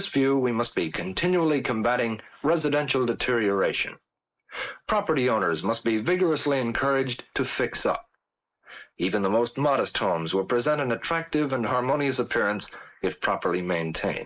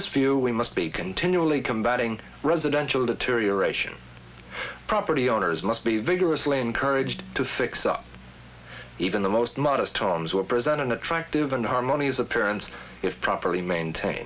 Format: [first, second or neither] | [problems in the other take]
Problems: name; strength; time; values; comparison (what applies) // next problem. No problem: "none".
second | noise reduction (neural mask model Resemble Enhance denoiser)